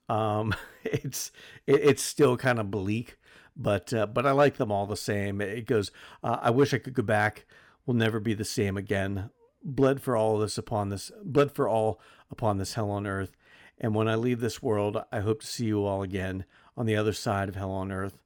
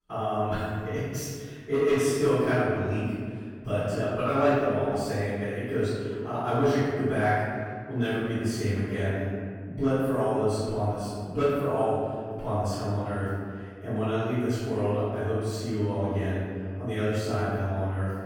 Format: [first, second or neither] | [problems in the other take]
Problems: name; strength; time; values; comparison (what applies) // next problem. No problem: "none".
first | room echo; strong; dies away in 1.9 s // off-mic speech; far